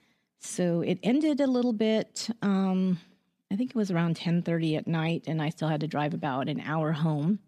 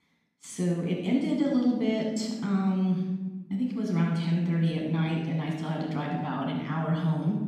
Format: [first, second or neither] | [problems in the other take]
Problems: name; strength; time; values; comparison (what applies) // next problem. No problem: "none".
first | off-mic speech; far // room echo; noticeable; dies away in 1 s